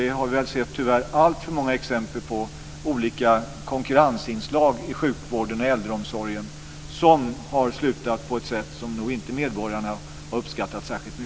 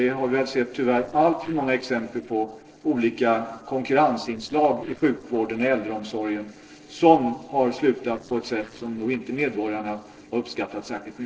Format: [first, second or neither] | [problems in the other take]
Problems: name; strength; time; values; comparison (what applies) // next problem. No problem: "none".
first | noise reduction (neural separator model SepFormer DNS4)